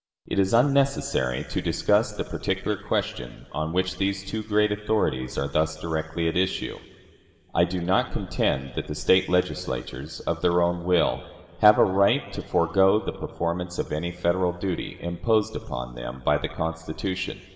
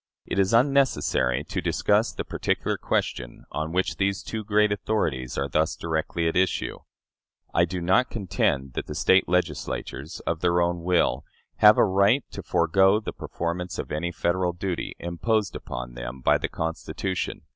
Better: second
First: room echo; dies away in 1.9 s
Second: none

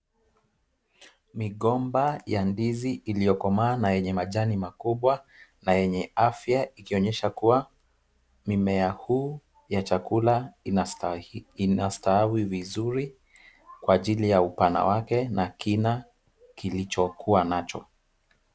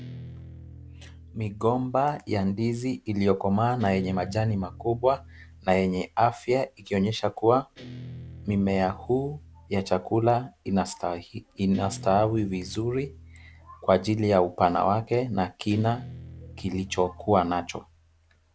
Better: first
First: none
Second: background sound (Guitar); 19 dB below the speech

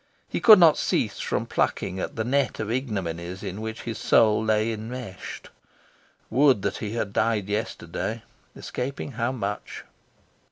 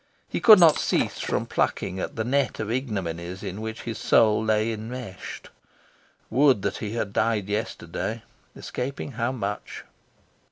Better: first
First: none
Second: background sound (Shatter); 13 dB below the speech

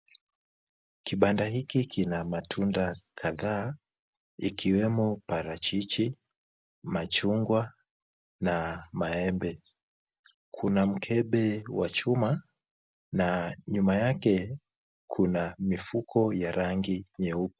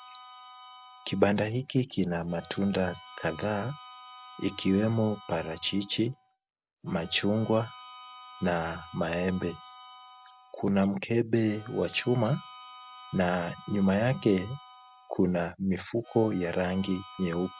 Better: first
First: none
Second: background sound (Harmonica); 20 dB below the speech

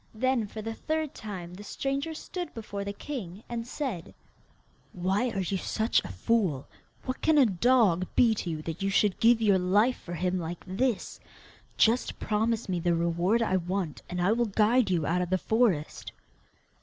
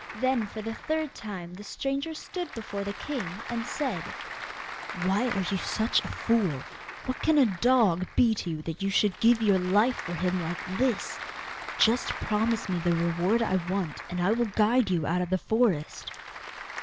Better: first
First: none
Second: background sound (Applause / Crowd); 12 dB below the speech

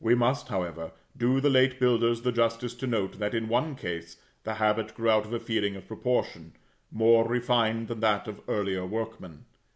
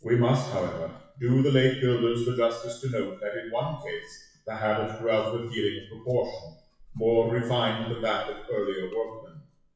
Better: first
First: none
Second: noise reduction (classical method WPE with log-MMSE)

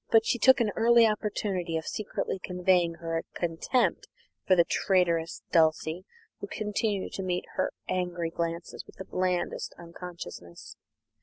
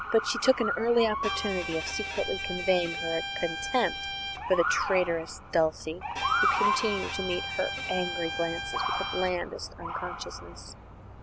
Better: first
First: none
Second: background sound (Bowed string instrument + Motor vehicle (road) / Siren); 2 dB below the speech

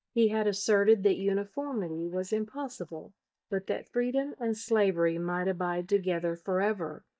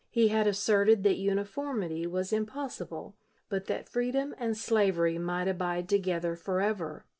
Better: second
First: noise reduction (neural mask model DeepFilterNet 3)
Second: none

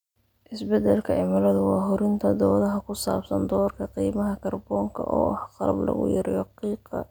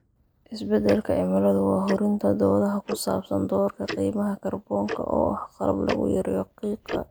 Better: first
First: none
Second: noise reduction (neural mask model Resemble Enhance denoiser)

